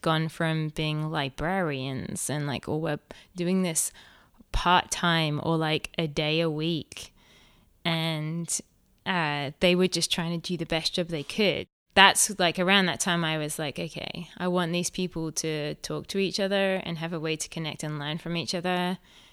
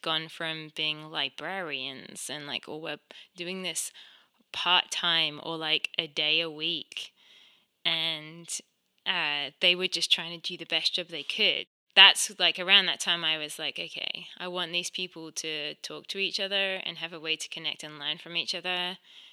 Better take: first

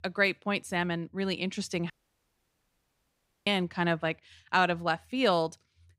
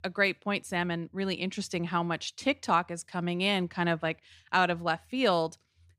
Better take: second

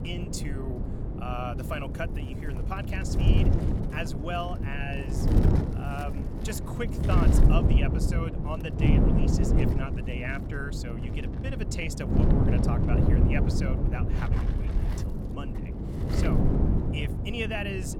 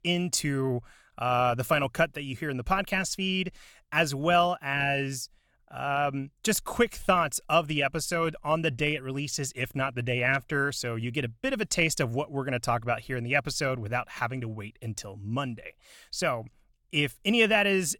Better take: second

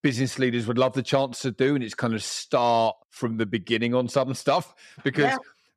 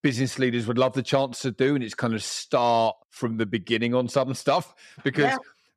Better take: neither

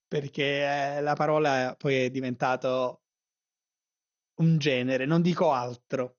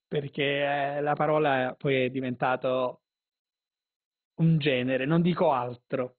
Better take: first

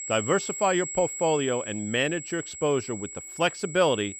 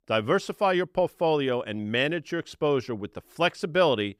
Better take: second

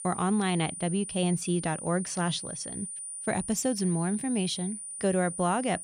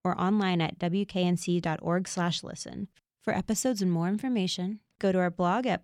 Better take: second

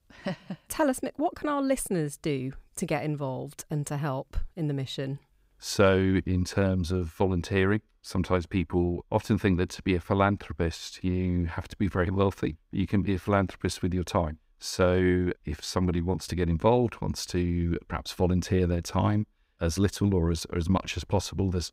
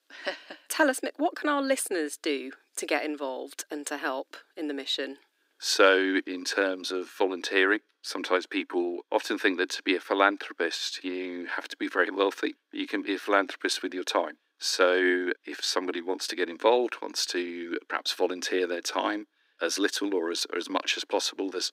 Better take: first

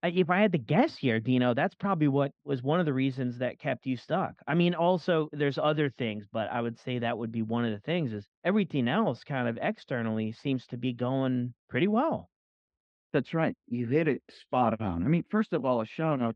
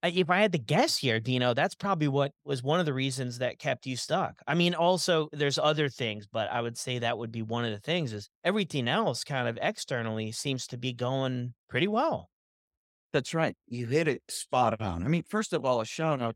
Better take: second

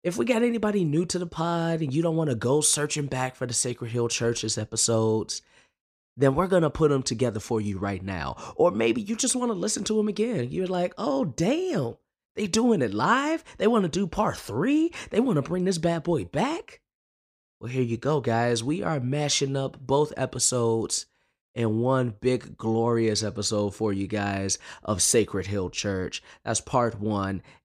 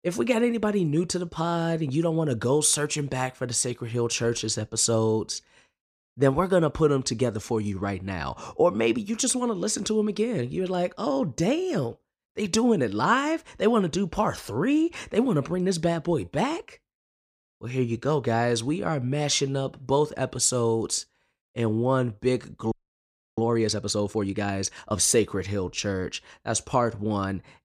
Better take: first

